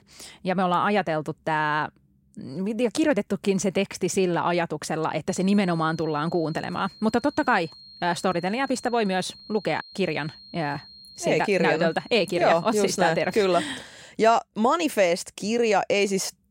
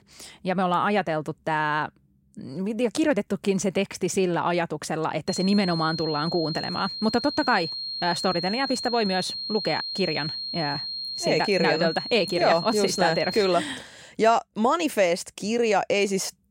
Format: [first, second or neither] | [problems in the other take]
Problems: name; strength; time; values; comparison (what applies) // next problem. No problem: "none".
first | high-pitched whine; loud; from 5.5 to 14 s; 4 kHz, 6 dB below the speech; faint in the first